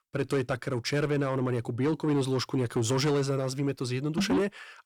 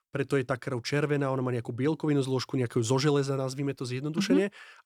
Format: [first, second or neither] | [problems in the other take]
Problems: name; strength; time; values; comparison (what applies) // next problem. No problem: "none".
second | distortion; slight; 10 dB below the speech